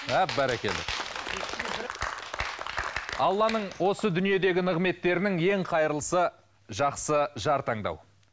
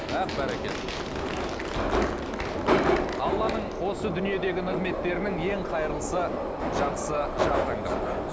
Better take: first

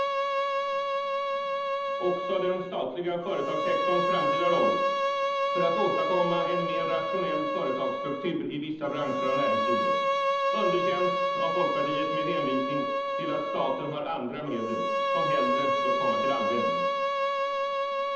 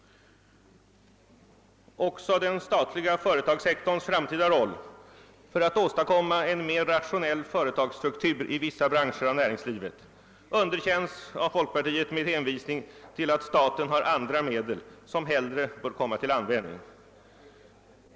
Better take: second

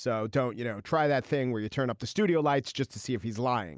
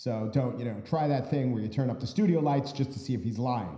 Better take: first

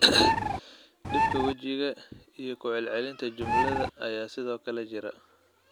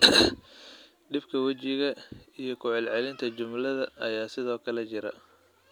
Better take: second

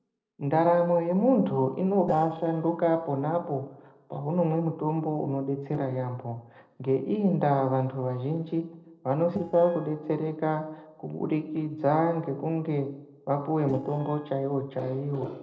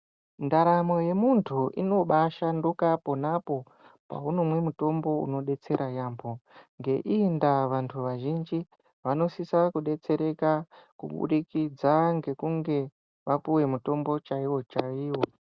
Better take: second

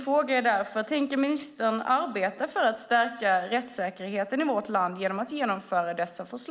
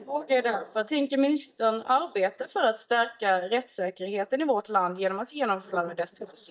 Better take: first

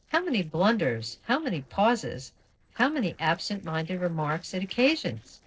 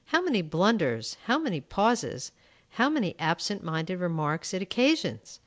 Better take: second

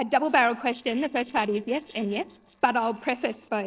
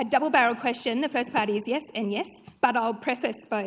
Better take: second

